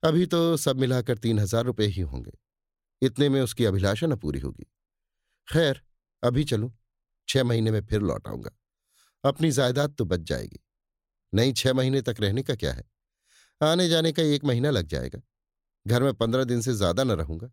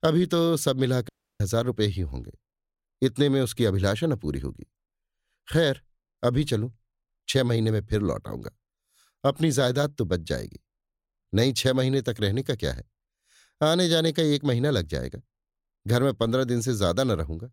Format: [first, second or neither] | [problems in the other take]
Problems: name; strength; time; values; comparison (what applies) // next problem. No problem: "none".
first | audio cutting out; at 1 s